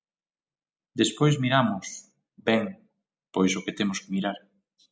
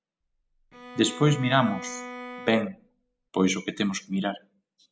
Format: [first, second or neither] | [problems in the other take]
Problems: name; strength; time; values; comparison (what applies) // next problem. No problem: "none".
first | background sound (Bowed string instrument); 13 dB below the speech